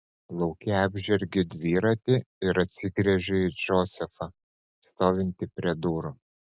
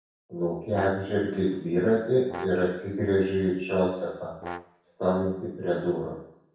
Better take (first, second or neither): first